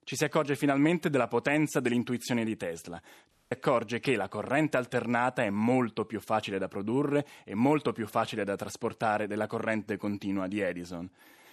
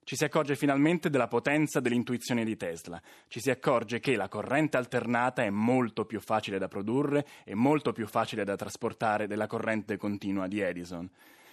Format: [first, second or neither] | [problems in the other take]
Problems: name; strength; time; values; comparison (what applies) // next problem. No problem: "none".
second | audio cutting out; at 3.5 s